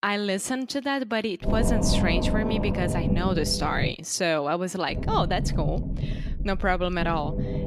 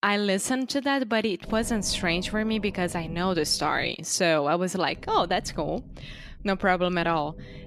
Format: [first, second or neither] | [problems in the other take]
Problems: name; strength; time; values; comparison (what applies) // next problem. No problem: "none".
second | low rumble; loud; from 1.5 to 4 s and from 5 s on; 6 dB below the speech; faint in the second